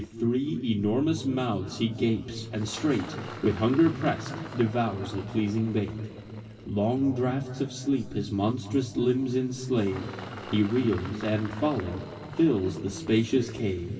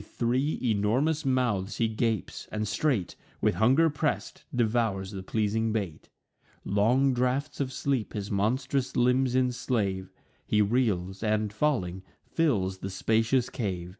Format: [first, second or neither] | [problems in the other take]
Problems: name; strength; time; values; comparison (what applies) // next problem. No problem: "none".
second | background sound (Engine); 18 dB below the speech // room echo; dies away in 3 s